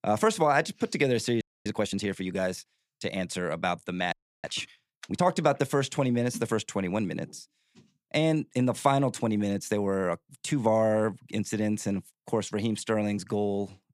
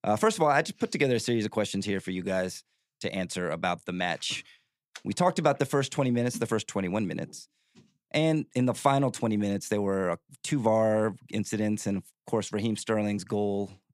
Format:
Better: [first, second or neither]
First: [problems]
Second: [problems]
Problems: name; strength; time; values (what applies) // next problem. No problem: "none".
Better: second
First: audio freezing; at 1.5 s and at 4 s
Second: none